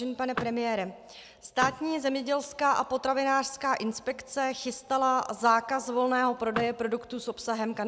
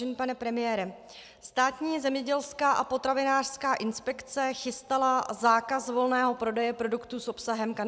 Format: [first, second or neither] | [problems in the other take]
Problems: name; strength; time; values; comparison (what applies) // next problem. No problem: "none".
second | background sound (Vehicle); 12 dB below the speech